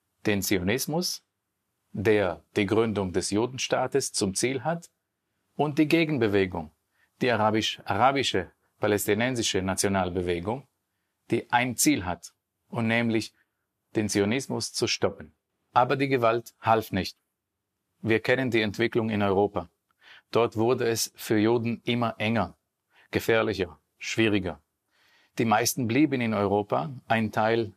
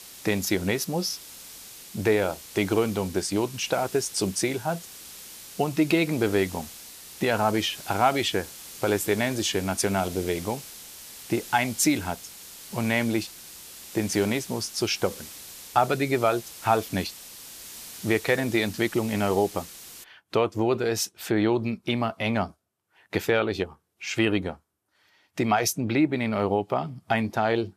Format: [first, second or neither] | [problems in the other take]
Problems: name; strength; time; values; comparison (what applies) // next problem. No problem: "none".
first | hiss; noticeable; until 20 s; 15 dB below the speech